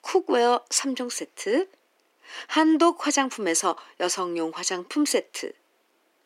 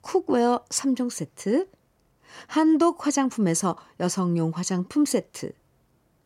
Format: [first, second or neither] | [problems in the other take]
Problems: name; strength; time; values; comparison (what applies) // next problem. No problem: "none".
second | thin; somewhat; fading below 300 Hz